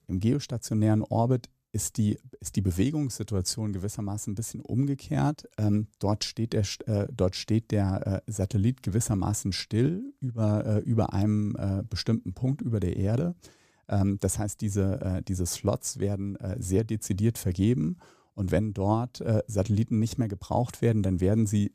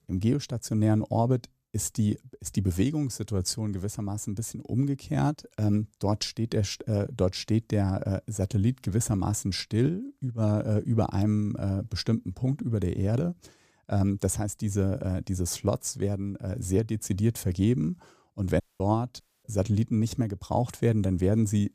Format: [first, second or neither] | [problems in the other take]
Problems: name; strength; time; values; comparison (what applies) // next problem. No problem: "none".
first | audio cutting out; at 19 s